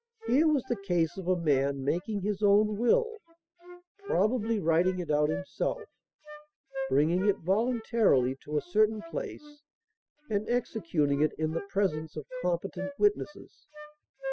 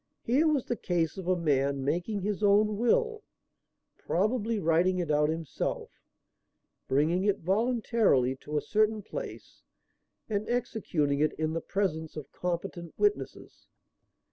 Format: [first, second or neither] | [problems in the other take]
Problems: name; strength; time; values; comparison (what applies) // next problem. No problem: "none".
second | noise reduction (classical method spectral subtraction)